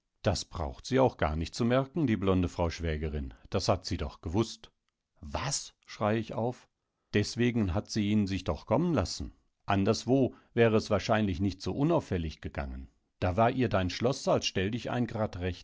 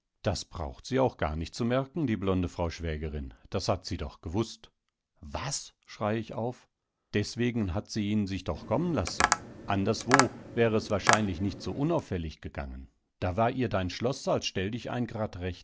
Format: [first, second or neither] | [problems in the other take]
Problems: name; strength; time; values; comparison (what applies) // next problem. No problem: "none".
first | background sound (Tap); as loud as the speech